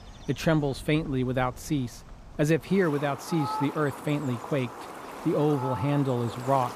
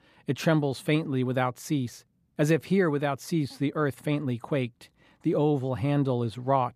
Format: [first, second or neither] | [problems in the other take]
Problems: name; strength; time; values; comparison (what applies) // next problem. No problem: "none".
second | animal sounds; noticeable; throughout; 10 dB below the speech